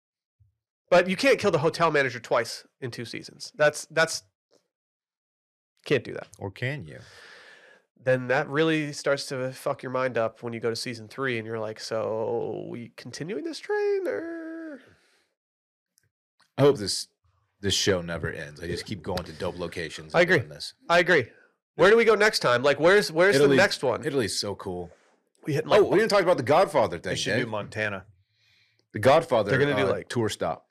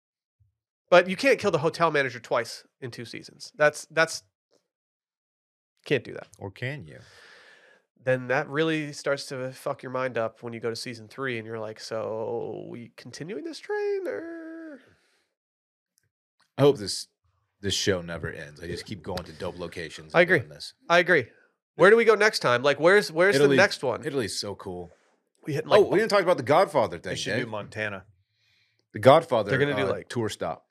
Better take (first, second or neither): second